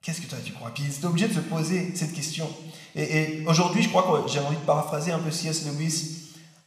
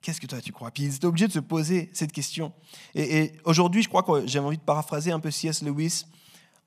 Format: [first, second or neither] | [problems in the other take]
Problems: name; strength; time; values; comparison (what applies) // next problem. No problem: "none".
second | room echo; slight; dies away in 1.1 s